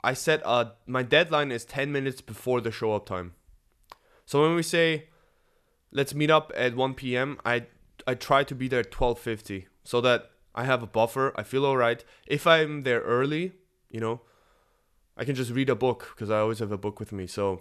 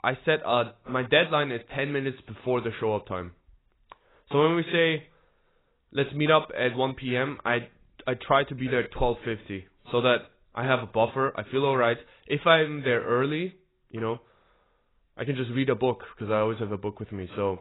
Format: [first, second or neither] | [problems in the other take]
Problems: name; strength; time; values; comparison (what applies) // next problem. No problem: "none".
first | garbled, watery; badly; nothing above 4 kHz